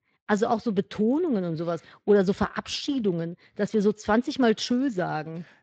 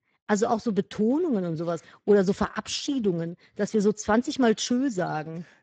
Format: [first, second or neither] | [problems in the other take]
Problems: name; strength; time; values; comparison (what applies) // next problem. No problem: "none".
first | garbled, watery; badly; nothing above 7.5 kHz; slightly in the first